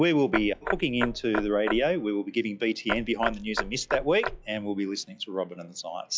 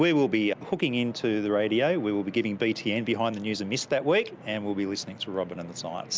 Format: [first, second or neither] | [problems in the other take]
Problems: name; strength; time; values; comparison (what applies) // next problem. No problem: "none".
second | noise reduction (classical method log-MMSE)